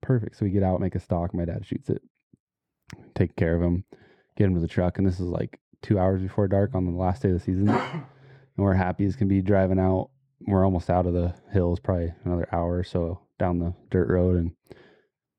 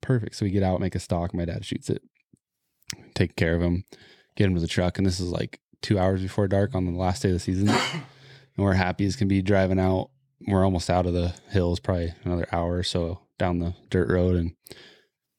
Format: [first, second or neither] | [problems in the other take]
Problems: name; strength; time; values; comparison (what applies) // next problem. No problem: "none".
second | muffled; very; fading above 2.5 kHz